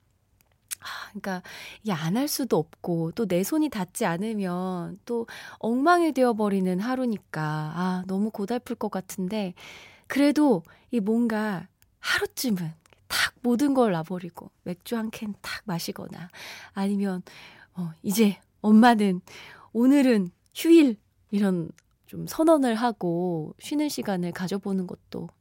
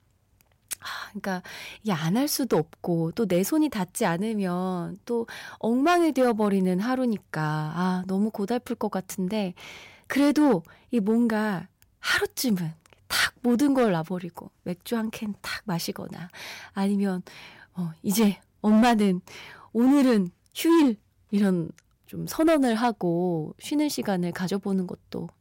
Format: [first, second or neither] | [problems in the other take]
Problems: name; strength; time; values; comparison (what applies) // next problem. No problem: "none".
first | distortion; slight; 3% of the sound clipped